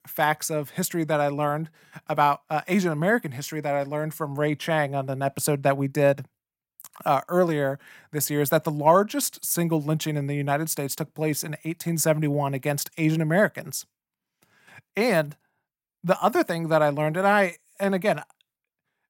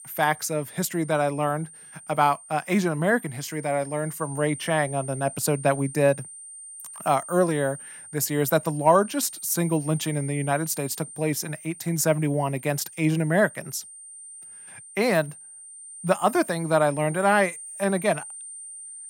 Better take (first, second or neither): first